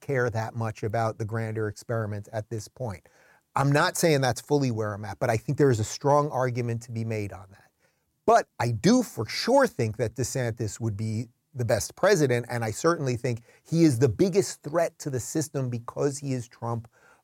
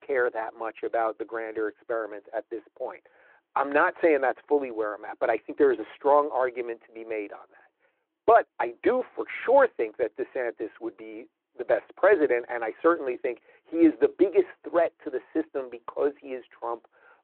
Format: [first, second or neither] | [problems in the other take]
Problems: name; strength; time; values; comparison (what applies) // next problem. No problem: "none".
first | phone-call audio; nothing above 3.5 kHz